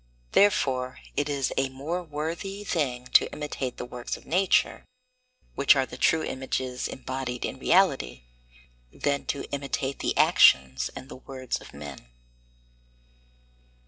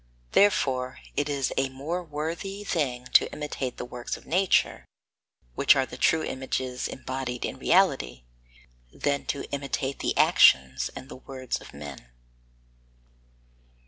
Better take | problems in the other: second | noise reduction (neural separator model SepFormer DNS4)

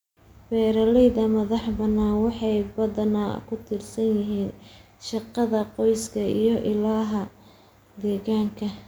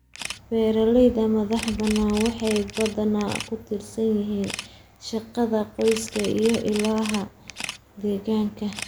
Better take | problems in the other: first | background sound (Camera); 14 dB below the speech

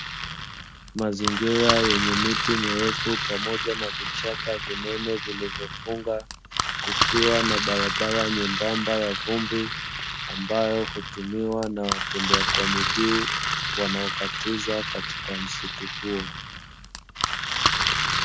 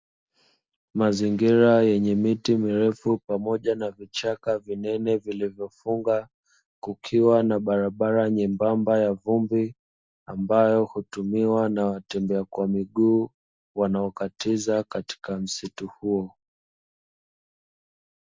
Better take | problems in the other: second | background sound (Engine); 1 dB above the speech

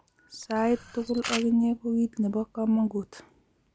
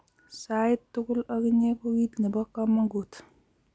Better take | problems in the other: second | background sound (Camera); 10 dB below the speech

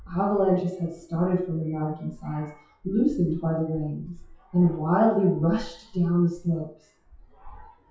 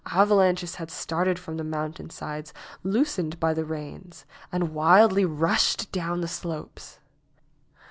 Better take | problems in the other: second | noise reduction (classical method WPE with log-MMSE)

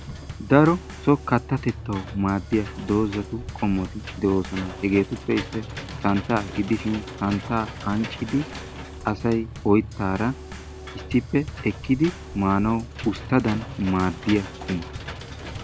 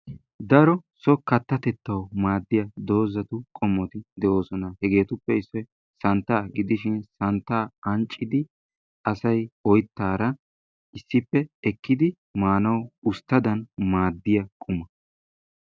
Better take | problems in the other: second | background sound (Bass drum / Snare drum / Drum kit + Engine / Mechanisms); 11 dB below the speech

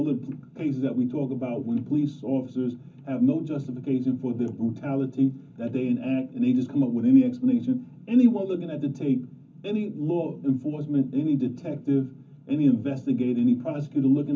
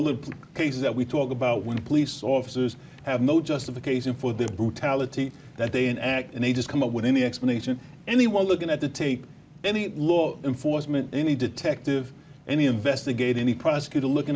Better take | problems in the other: second | room echo; dies away in 0.3 s

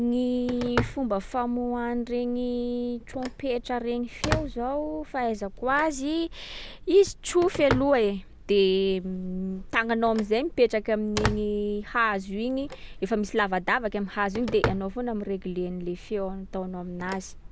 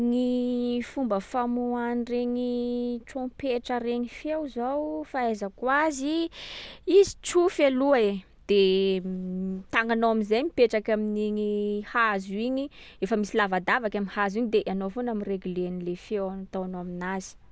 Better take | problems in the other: second | background sound (Telephone); 10 dB below the speech

